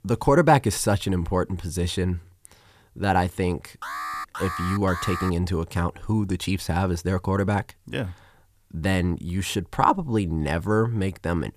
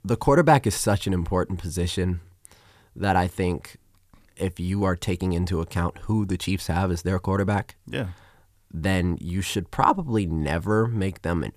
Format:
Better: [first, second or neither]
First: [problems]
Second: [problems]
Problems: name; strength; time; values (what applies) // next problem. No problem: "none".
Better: second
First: alarm; noticeable; from 4 to 5.5 s; peak 6 dB below the speech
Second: none